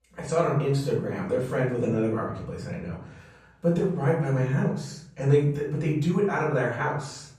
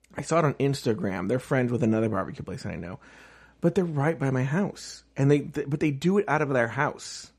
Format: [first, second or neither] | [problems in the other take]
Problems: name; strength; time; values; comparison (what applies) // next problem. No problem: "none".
second | off-mic speech; far // room echo; noticeable; dies away in 0.6 s